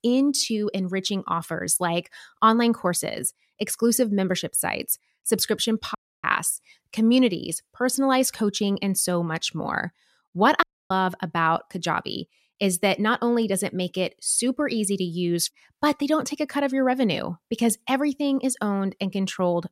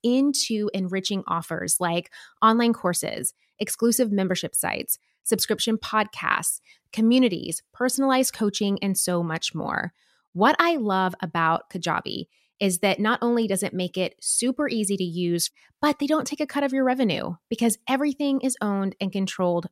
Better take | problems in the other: second | audio cutting out; at 6 s and at 11 s

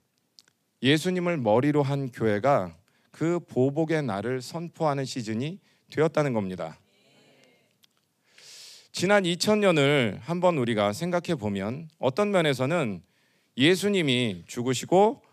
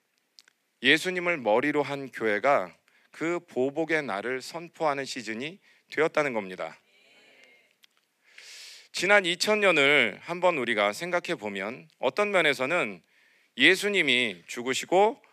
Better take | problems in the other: first | thin; somewhat; fading below 300 Hz

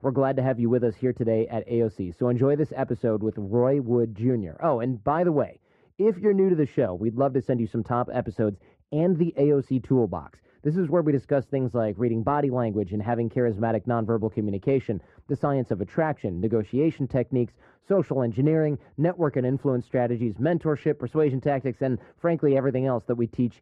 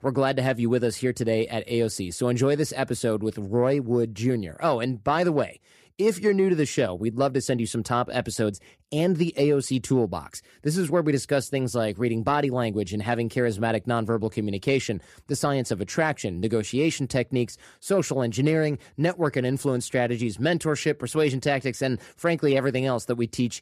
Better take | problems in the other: second | muffled; very; fading above 3 kHz

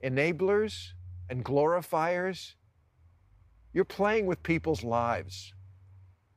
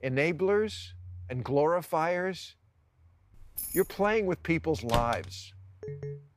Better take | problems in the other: first | jangling keys; noticeable; at 3.5 s; peak 6 dB below the speech // door banging; noticeable; at 5 s; peak 6 dB below the speech // phone ringing; faint; at 6 s; peak 10 dB below the speech

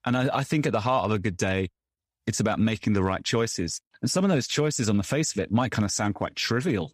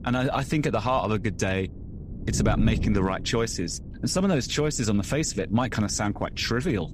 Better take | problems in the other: first | wind noise on the microphone; occasional gusts; 15 dB below the speech

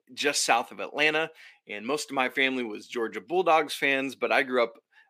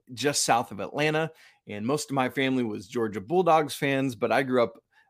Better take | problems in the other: second | thin; very slightly; fading below 350 Hz

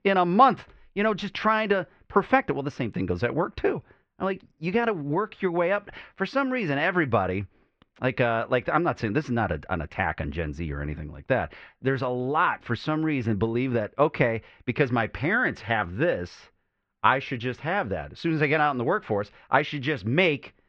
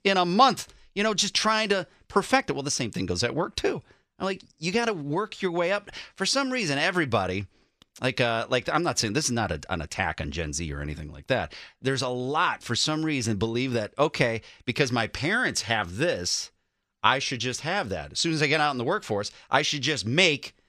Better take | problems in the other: second | muffled; very; fading above 2 kHz

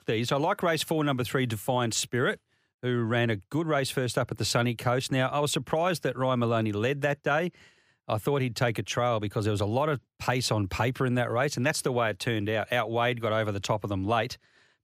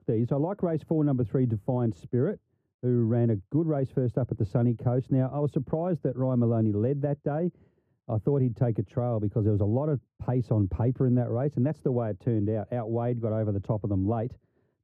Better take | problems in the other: first | muffled; very; fading above 1 kHz

